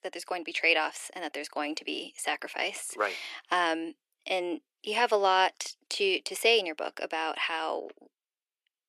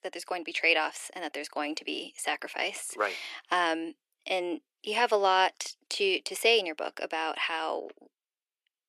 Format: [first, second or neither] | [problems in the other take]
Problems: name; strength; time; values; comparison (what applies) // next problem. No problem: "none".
neither | thin; very; fading below 350 Hz; the same in both